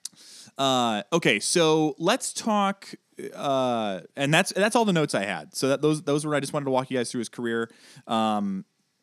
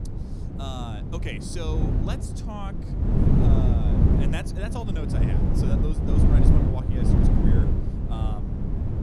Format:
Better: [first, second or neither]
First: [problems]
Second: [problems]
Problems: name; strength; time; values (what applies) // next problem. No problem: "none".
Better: first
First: none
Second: wind noise on the microphone; heavy; 4 dB above the speech